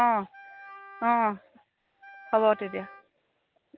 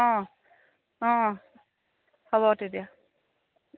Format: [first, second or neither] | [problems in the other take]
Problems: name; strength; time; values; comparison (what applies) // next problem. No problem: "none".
second | background sound (Wind instrument, woodwind instrument); 19 dB below the speech